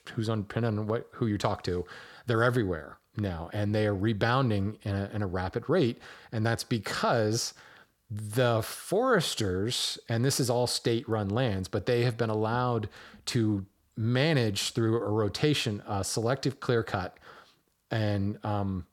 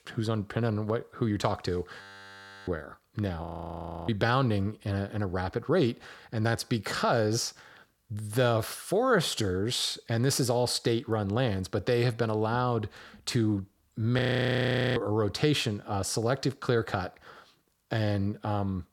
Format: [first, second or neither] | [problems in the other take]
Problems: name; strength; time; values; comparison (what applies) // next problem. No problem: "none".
first | audio freezing; at 2 s for 0.5 s, at 3.5 s for 0.5 s and at 14 s for 1 s